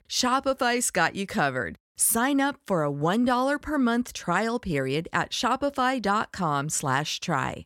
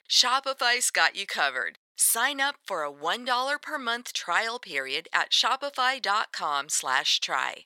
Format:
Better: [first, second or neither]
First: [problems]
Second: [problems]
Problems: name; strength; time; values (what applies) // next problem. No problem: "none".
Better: first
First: none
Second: thin; very; fading below 700 Hz